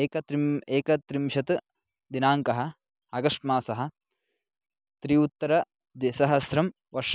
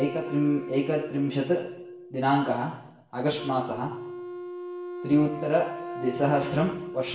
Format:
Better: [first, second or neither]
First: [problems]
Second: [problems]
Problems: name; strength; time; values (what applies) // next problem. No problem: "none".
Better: first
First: none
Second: background sound (Wind instrument, woodwind instrument); 10 dB below the speech // room echo; dies away in 0.8 s